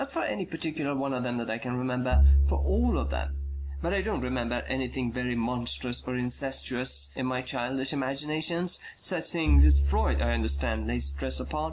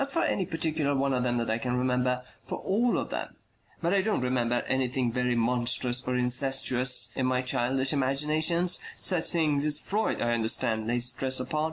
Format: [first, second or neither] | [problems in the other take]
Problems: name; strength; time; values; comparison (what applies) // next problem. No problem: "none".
second | background sound (Bowed string instrument); 1 dB above the speech